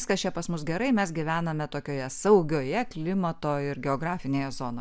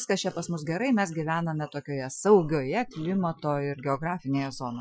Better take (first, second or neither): first